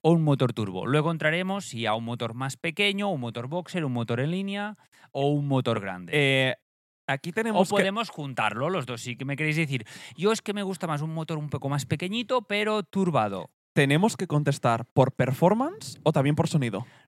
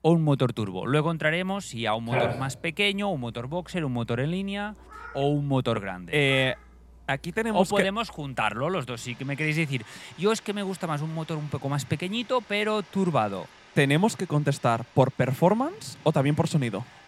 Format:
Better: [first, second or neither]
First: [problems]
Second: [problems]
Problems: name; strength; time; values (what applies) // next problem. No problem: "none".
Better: first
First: none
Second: animal sounds; noticeable; throughout; 15 dB below the speech